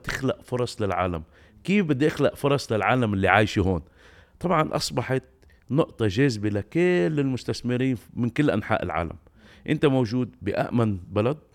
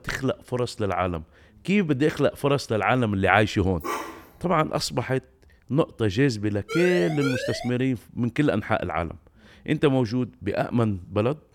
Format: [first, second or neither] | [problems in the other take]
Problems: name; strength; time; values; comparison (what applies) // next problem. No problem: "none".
first | dog barking; noticeable; at 4 s; peak 7 dB below the speech // siren; noticeable; from 6.5 to 7.5 s; peak 5 dB below the speech